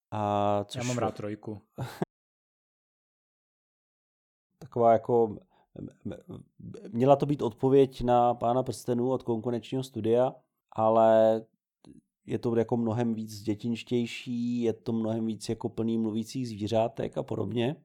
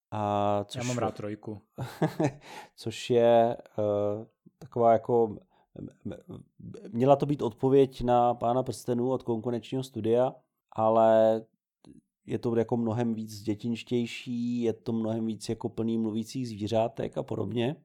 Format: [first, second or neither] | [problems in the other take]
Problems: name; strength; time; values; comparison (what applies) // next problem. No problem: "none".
second | audio cutting out; at 2 s for 2.5 s